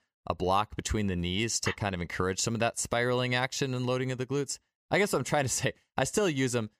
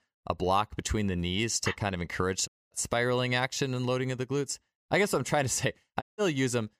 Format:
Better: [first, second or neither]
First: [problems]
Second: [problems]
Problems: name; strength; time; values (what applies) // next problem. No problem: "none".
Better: first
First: none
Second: audio cutting out; at 2.5 s and at 6 s